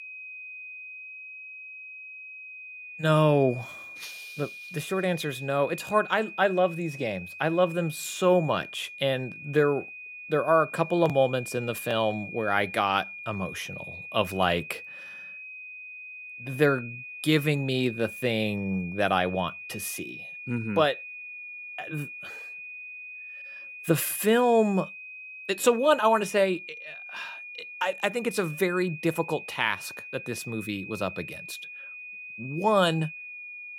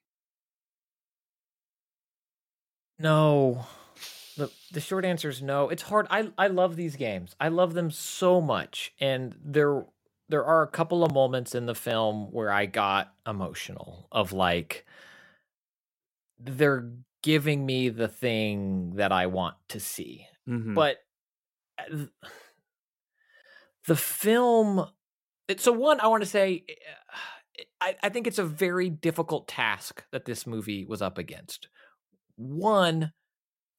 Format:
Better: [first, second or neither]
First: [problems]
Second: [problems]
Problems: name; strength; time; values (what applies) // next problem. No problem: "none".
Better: second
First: high-pitched whine; noticeable; throughout; 2.5 kHz, 10 dB below the speech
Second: none